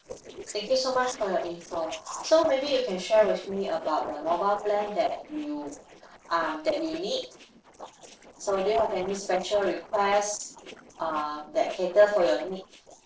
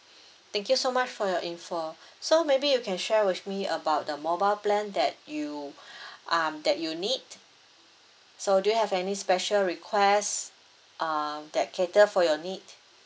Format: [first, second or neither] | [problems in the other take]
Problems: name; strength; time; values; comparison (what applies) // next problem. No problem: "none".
second | noise reduction (neural separator model SepFormer DNS4)